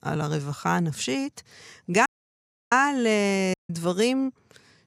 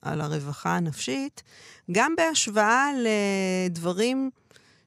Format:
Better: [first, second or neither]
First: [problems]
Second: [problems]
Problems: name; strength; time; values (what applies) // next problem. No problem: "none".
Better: second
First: audio cutting out; at 2 s for 0.5 s and at 3.5 s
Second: none